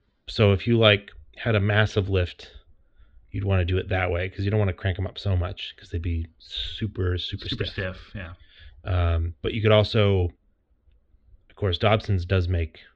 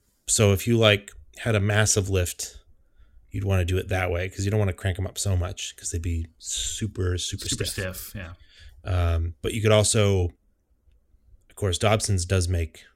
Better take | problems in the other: second | muffled; slightly; fading above 4 kHz

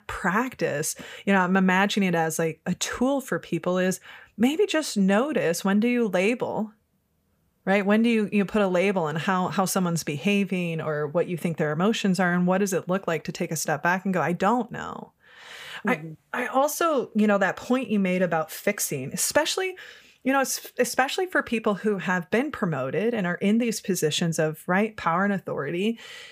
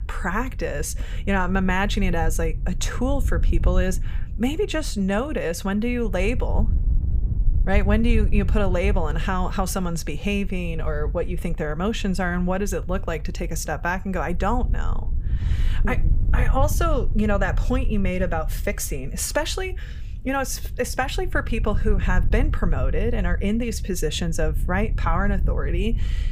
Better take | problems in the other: first | wind noise on the microphone; occasional gusts; 20 dB below the speech

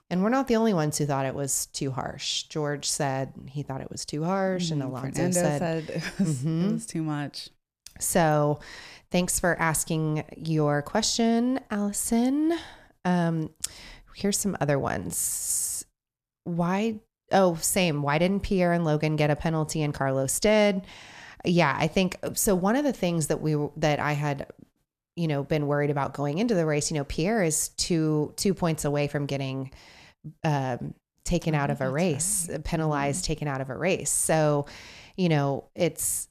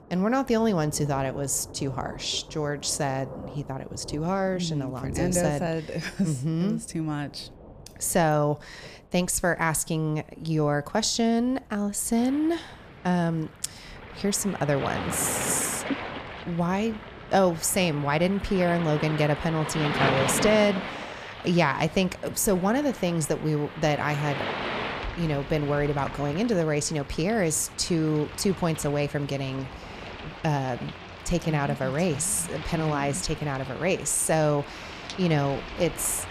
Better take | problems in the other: first | rain or running water; loud; throughout; 10 dB below the speech

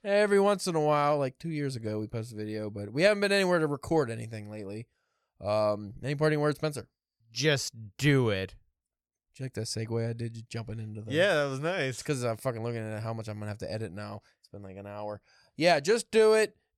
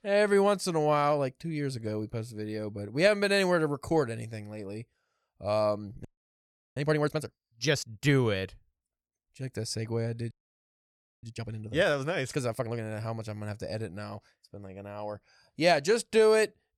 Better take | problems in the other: first | audio freezing; at 6 s for 0.5 s and at 10 s for 1 s

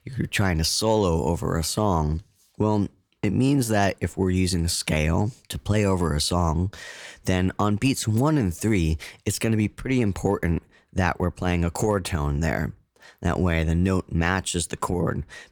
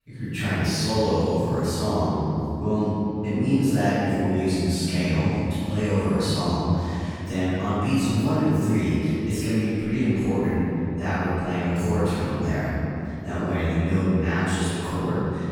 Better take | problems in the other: first | off-mic speech; far // room echo; strong; dies away in 2.8 s

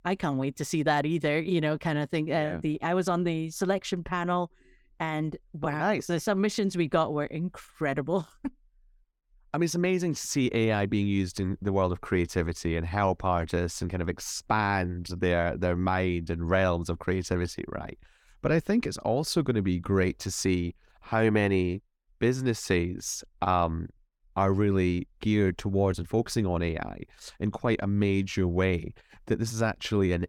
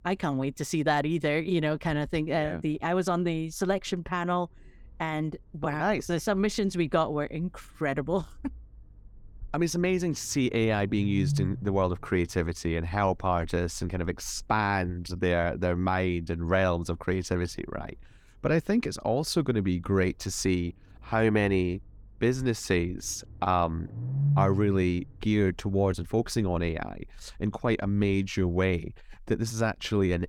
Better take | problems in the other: first | low rumble; noticeable; throughout; 15 dB below the speech

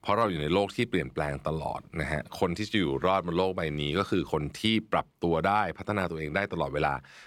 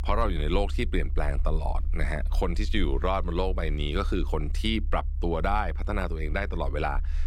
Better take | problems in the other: first | low rumble; faint; throughout; 20 dB below the speech

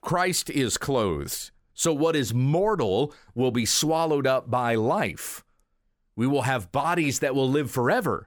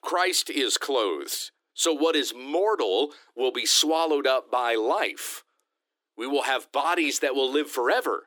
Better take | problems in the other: first | thin; somewhat; fading below 300 Hz

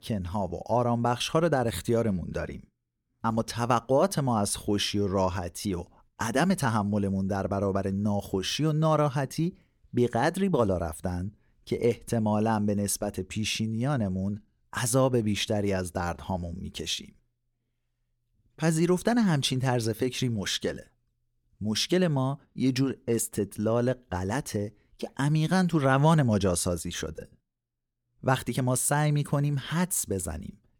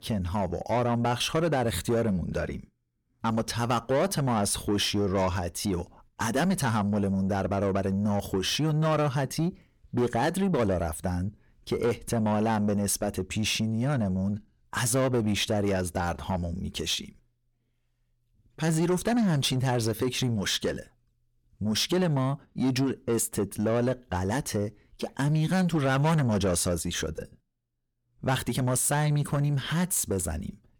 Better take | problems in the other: first | distortion; slight; 10 dB below the speech

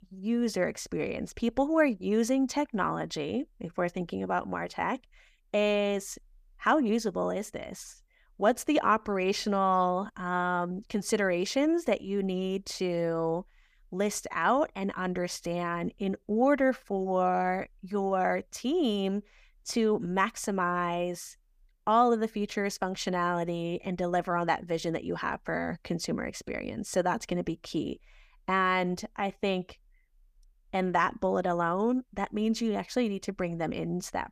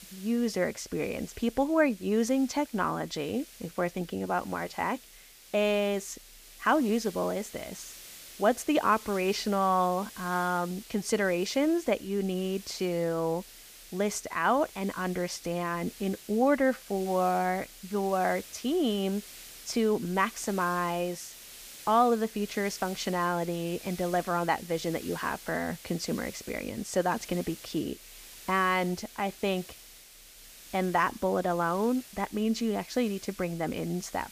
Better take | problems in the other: first | hiss; noticeable; throughout; 15 dB below the speech

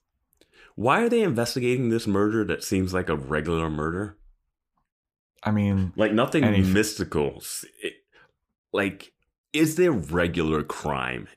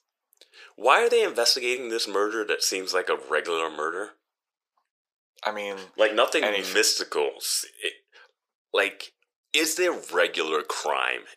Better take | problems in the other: first | thin; very; fading below 450 Hz

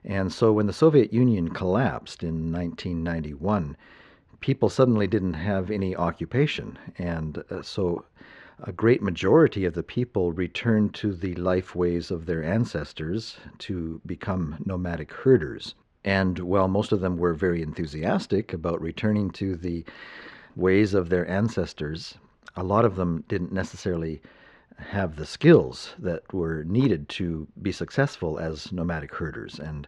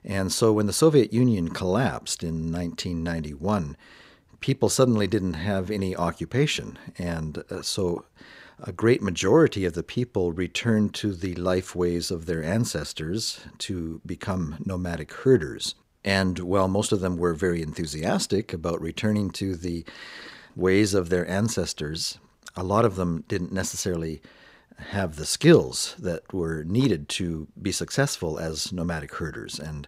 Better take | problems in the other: second | muffled; slightly; fading above 3 kHz

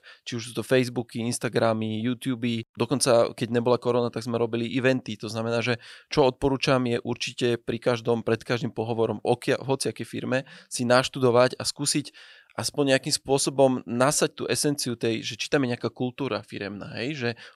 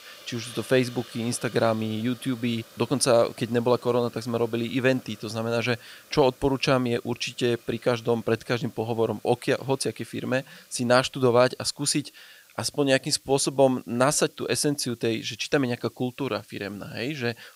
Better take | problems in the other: first | hiss; faint; throughout; 25 dB below the speech

